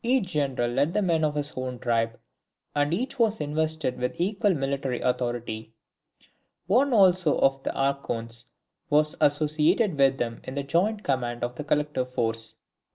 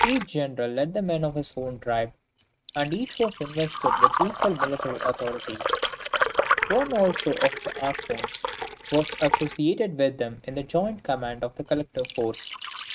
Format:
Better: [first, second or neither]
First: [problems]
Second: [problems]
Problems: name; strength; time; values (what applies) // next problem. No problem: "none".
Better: first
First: none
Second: noise reduction (neural mask model RNNoise)